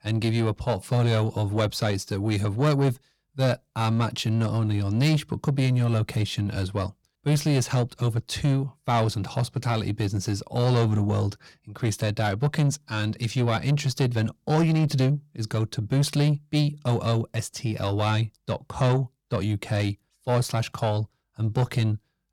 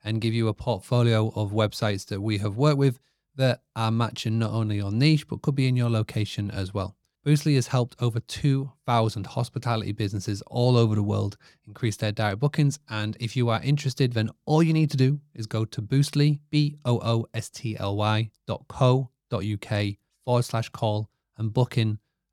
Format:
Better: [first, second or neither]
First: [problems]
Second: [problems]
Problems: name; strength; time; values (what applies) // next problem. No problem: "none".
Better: second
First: distortion; slight; 10 dB below the speech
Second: none